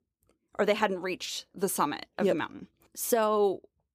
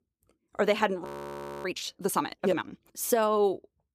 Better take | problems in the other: first | audio freezing; at 1 s for 0.5 s

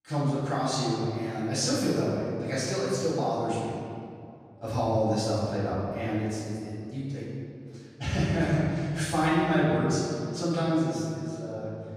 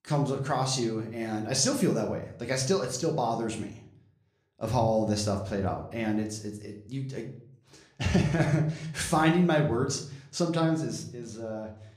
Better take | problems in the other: second | room echo; strong; dies away in 2.1 s; slight in the second // off-mic speech; far

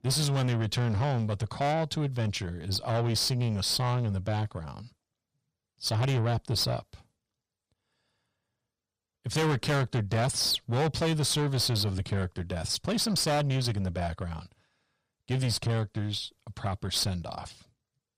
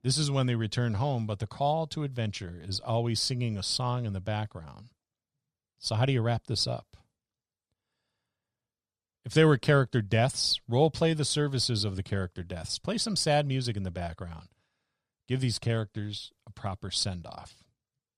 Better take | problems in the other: second | distortion; heavy; 6 dB below the speech

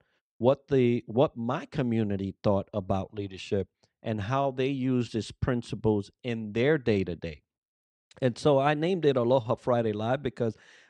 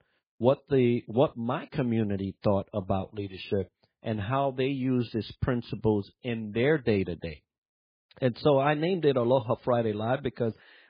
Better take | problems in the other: first | garbled, watery; badly; nothing above 4 kHz

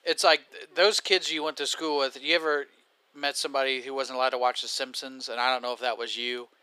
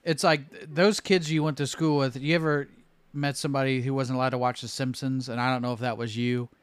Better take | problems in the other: second | thin; very; fading below 400 Hz

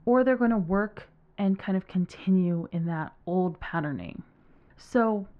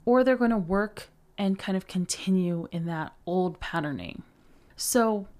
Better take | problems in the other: second | muffled; very; fading above 2 kHz

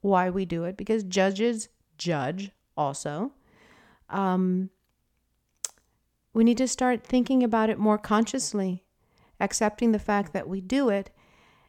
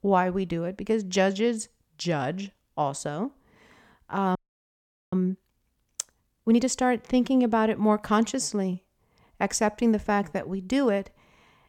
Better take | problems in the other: first | audio freezing; at 4.5 s for 1 s

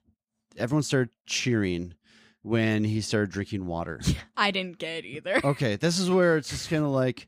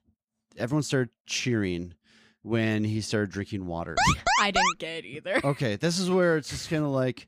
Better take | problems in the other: first | alarm; loud; at 4 s; peak 5 dB above the speech

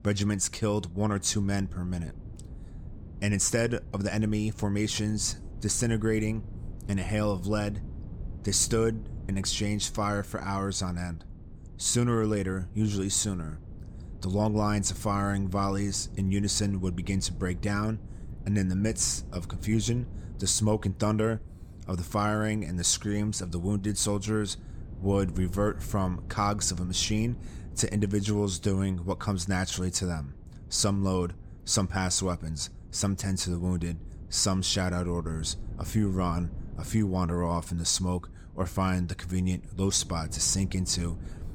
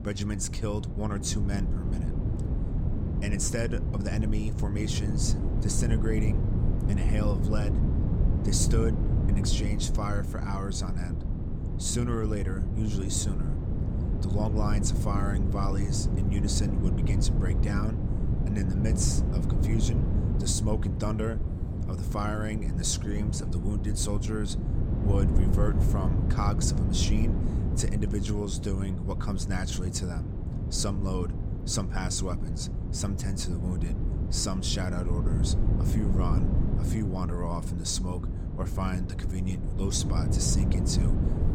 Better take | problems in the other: first | wind noise on the microphone; heavy; 5 dB below the speech; occasional gusts in the first

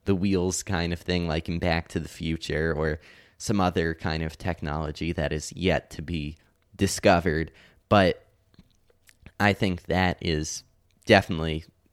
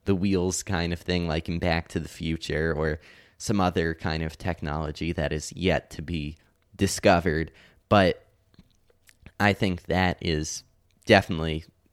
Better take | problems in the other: neither | none

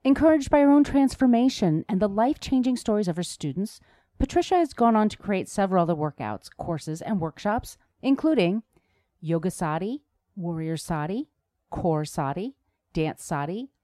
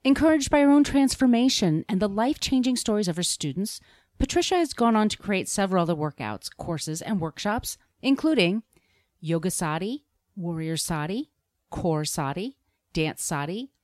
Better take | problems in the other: second | muffled; slightly; fading above 2 kHz

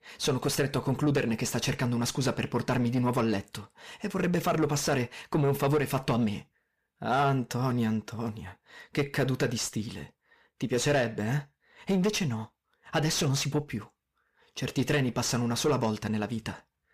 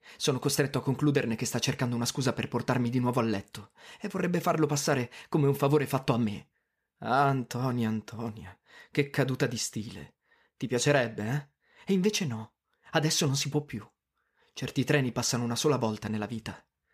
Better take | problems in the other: second | distortion; slight; 9 dB below the speech

